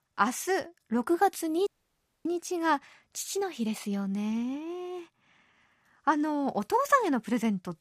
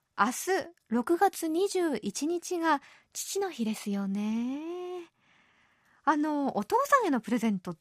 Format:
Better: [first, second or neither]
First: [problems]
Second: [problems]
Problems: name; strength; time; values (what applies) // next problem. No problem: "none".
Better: second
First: audio cutting out; at 1.5 s for 0.5 s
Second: none